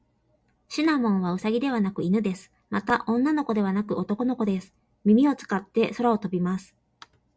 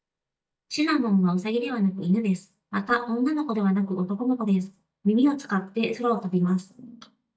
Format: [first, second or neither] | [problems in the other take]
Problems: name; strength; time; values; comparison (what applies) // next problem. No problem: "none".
first | noise reduction (neural mask model DeepFilterNet 3)